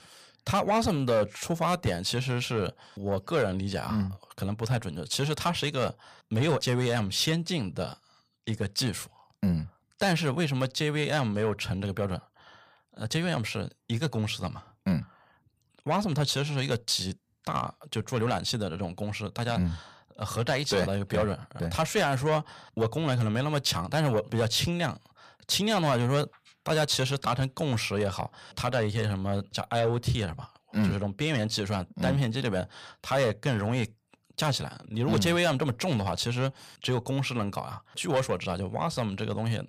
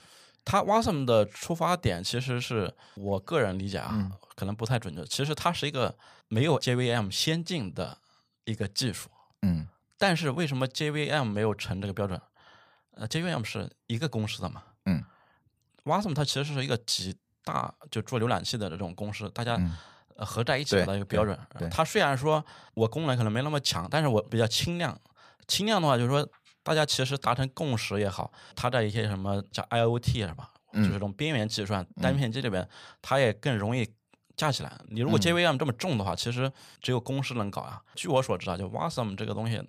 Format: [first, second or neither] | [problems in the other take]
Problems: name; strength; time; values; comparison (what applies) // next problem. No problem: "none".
second | distortion; slight; 10 dB below the speech